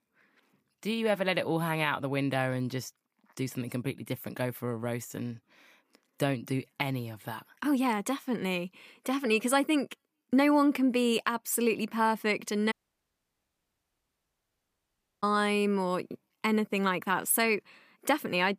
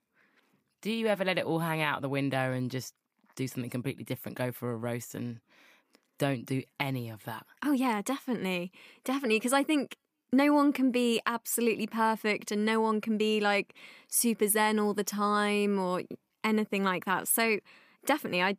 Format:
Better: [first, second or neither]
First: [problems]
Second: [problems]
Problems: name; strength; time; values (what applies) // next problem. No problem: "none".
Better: second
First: audio cutting out; at 13 s for 2.5 s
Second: none